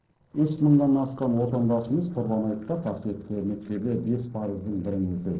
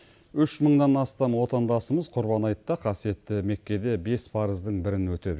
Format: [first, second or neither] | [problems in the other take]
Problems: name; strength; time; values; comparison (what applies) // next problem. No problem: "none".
second | noise reduction (neural separator model SepFormer DNS4)